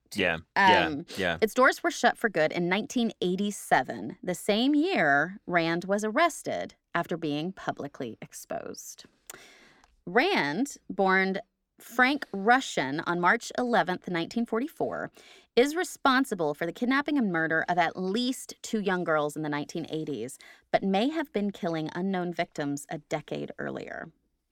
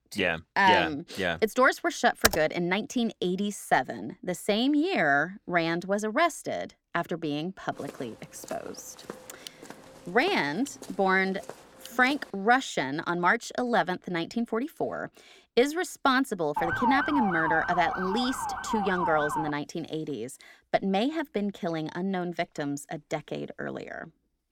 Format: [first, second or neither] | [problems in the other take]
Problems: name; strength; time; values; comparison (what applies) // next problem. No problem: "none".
first | keyboard typing; loud; at 2 s; peak 1 dB above the speech // footsteps; faint; from 8 to 12 s; peak 15 dB below the speech // siren; loud; from 17 to 20 s; peak 1 dB above the speech